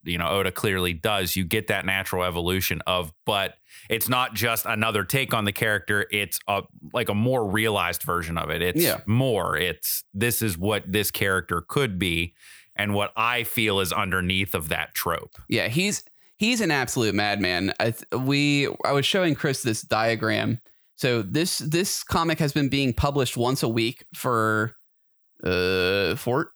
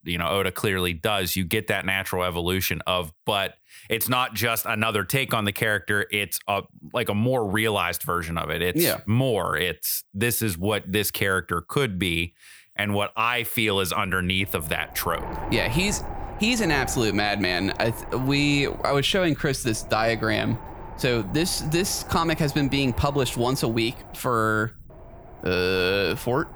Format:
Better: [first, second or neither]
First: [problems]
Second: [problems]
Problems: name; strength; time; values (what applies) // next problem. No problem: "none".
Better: first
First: none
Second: wind noise on the microphone; occasional gusts; from 14 s on; 15 dB below the speech